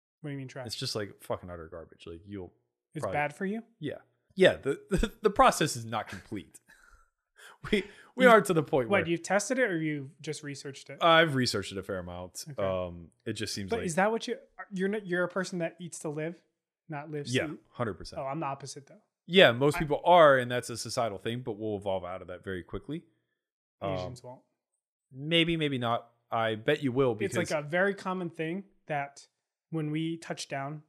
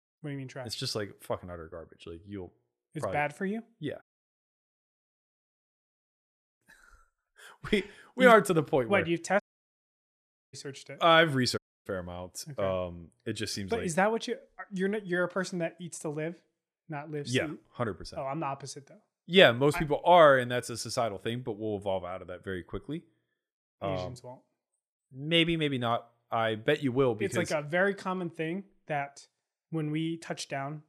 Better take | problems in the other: first | audio cutting out; at 4 s for 2.5 s, at 9.5 s for 1 s and at 12 s

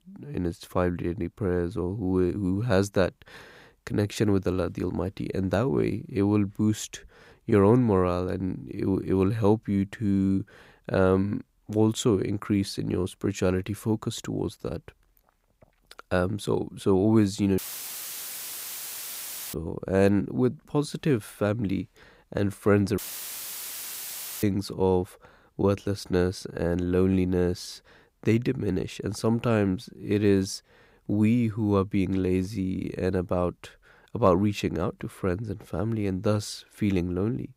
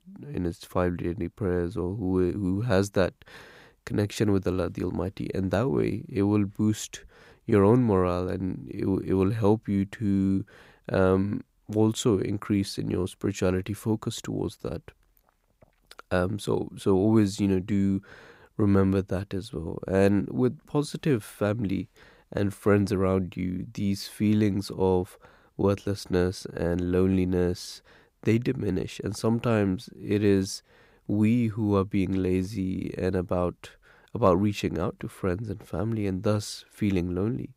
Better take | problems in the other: second | audio cutting out; filled with static; at 18 s for 2 s and at 23 s for 1.5 s

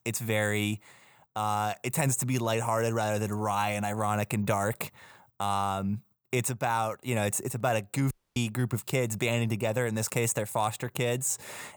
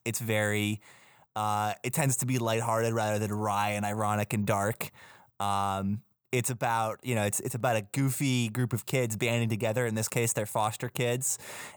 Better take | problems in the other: second | audio cutting out; at 8 s

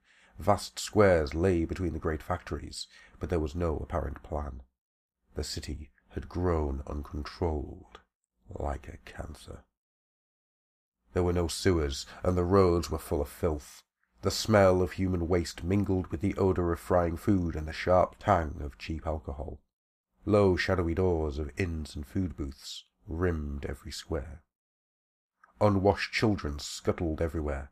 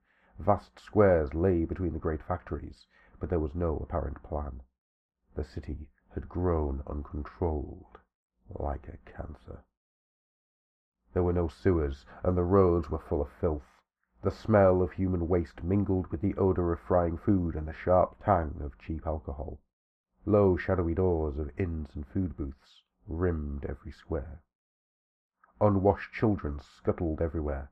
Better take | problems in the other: first | muffled; very; fading above 3 kHz

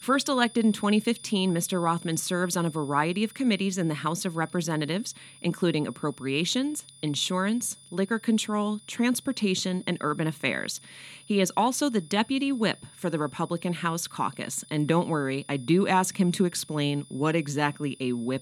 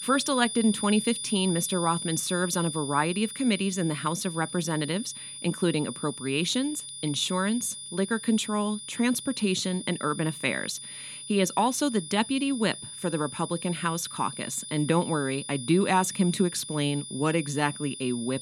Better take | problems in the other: first | high-pitched whine; loud; throughout; 9.5 kHz, 9 dB below the speech; faint in the first

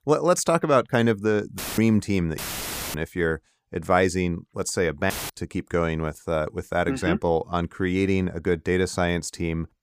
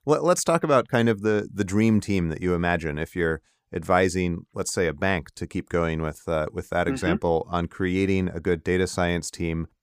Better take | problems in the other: second | audio cutting out; filled with static; at 1.5 s, at 2.5 s for 0.5 s and at 5 s

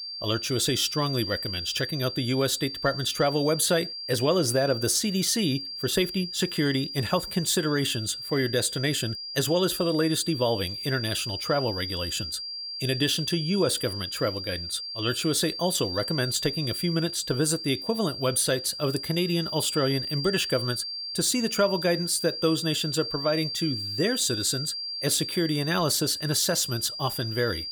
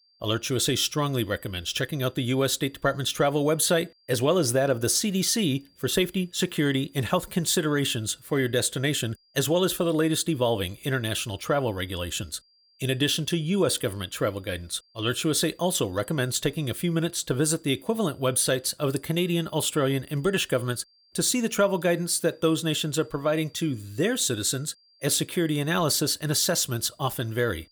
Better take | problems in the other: second | high-pitched whine; loud; throughout; 4.5 kHz, 6 dB below the speech; faint in the second

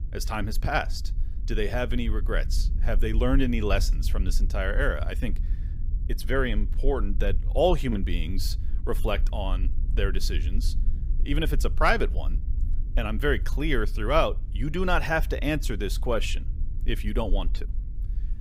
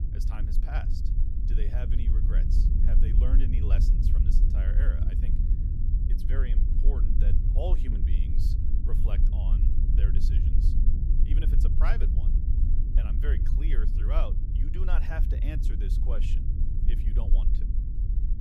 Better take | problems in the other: first | low rumble; loud; throughout; 3 dB below the speech; faint in the first

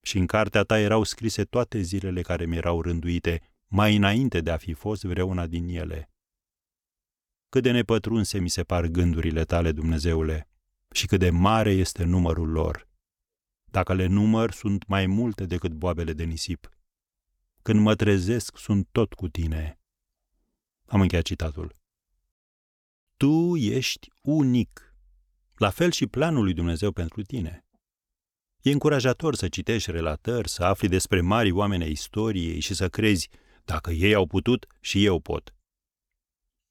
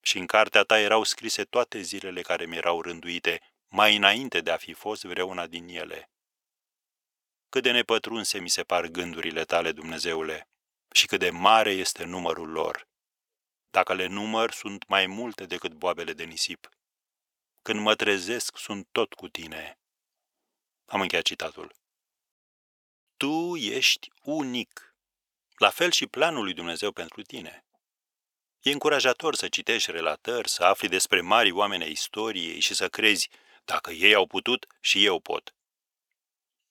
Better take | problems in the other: first | thin; very; fading below 550 Hz

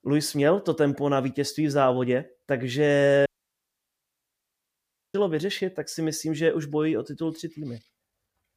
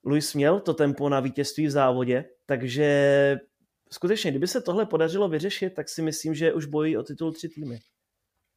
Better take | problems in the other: second | audio cutting out; at 3.5 s for 2 s

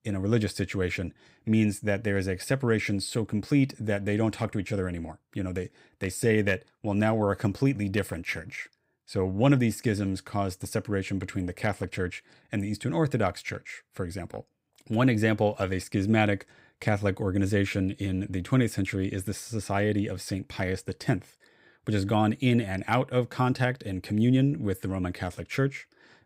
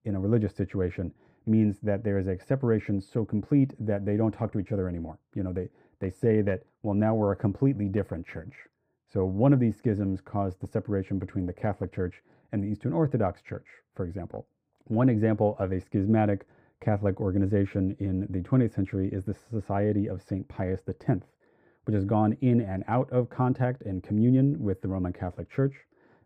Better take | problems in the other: first | muffled; very; fading above 2 kHz

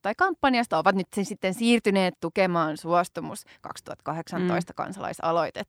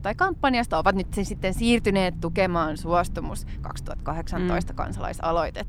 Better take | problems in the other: first | low rumble; faint; throughout; 25 dB below the speech

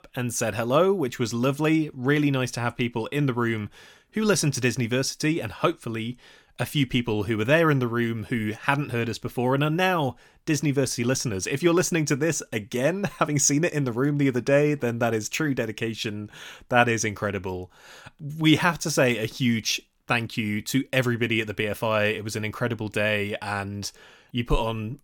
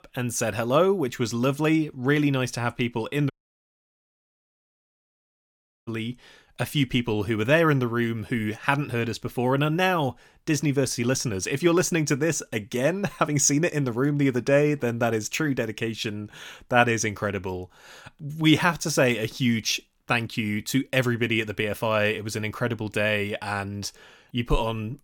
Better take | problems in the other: first | audio cutting out; at 3.5 s for 2.5 s

